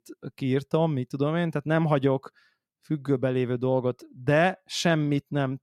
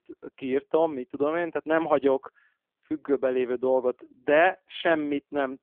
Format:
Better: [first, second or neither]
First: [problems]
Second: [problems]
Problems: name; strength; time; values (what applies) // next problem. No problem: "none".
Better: first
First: none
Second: phone-call audio; poor line; nothing above 3.5 kHz